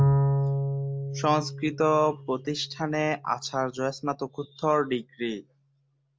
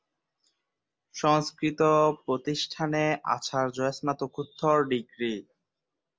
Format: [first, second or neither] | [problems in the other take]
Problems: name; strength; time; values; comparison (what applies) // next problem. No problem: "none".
second | background sound (Bowed string instrument); 2 dB below the speech